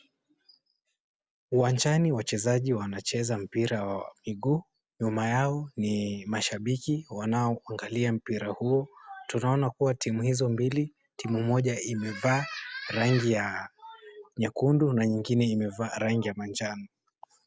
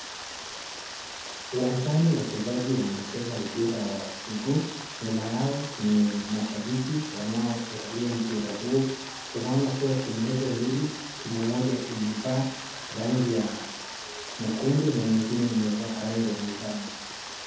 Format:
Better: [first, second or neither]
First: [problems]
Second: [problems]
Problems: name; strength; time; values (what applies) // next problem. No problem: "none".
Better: first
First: none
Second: background sound (Rain); 10 dB below the speech // room echo; dies away in 0.9 s